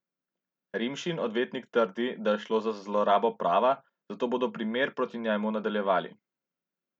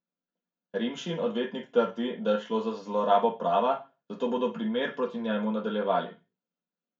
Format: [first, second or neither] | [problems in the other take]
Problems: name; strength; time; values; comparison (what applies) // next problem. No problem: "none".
first | room echo; dies away in 0.3 s